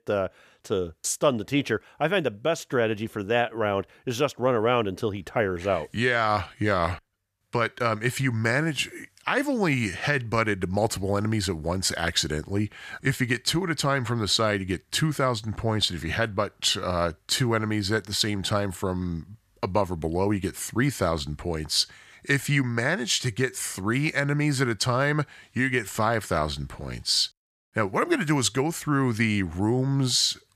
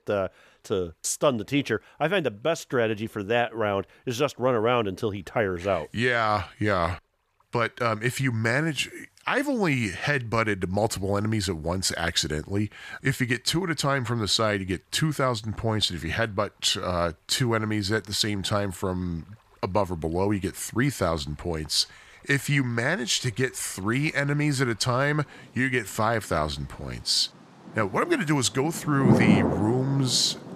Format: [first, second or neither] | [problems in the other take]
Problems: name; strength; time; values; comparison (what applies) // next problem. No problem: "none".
first | rain or running water; loud; throughout; 2 dB below the speech